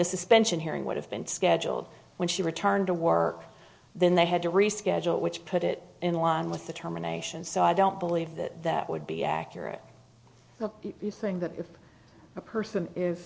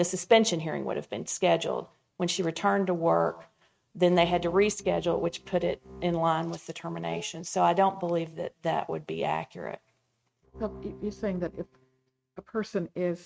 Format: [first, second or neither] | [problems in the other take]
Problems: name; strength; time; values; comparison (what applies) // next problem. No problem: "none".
first | noise reduction (neural mask model RNNoise)